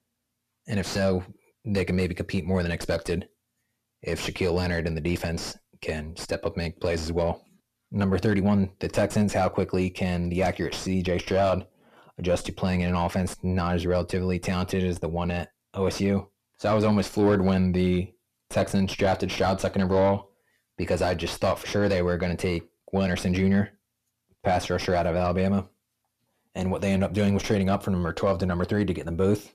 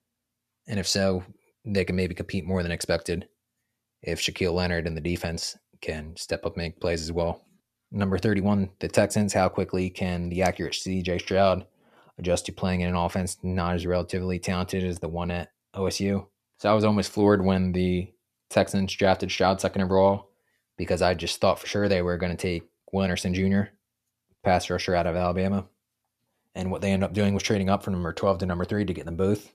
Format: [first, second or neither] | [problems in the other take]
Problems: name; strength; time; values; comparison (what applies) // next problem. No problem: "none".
second | distortion; slight; 9 dB below the speech